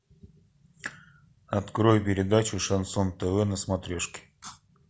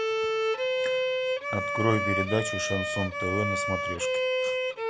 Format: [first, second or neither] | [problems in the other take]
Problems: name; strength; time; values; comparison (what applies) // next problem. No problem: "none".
first | background sound (Bowed string instrument); 4 dB above the speech